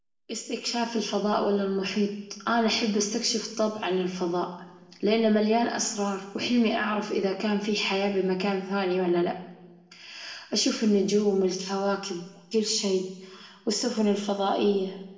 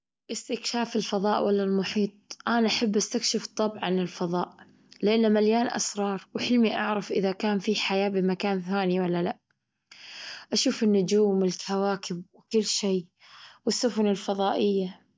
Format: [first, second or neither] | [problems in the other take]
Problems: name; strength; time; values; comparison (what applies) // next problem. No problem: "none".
second | room echo; dies away in 0.8 s